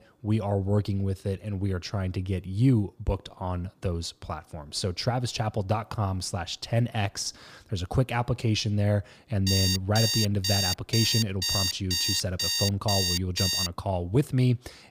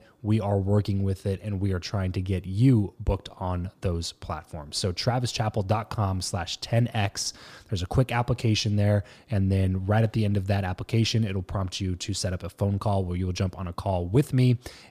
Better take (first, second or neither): second